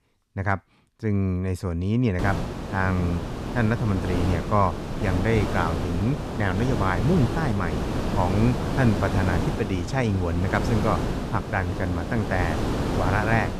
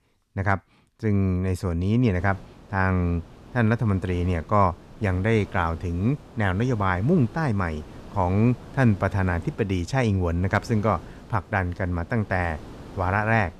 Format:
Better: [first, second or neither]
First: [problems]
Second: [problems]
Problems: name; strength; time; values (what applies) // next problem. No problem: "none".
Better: second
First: wind noise on the microphone; heavy; from 2 s on; 4 dB below the speech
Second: wind noise on the microphone; occasional gusts; from 2 s on; 20 dB below the speech